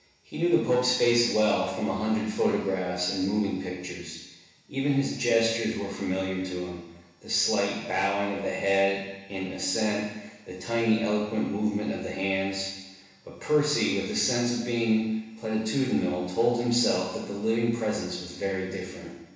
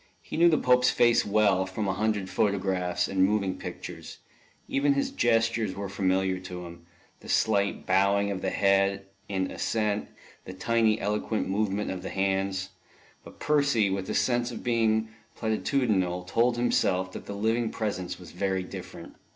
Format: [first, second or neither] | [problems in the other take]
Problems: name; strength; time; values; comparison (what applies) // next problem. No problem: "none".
second | room echo; dies away in 1.1 s